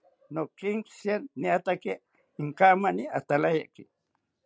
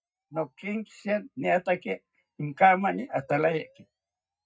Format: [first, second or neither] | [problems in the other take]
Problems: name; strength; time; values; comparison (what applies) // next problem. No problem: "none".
first | noise reduction (neural mask model DeepFilterNet 3)